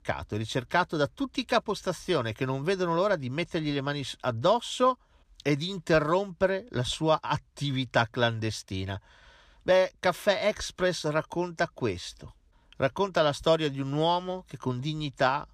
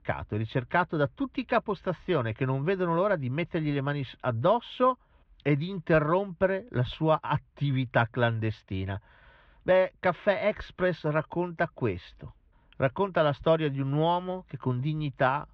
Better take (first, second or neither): first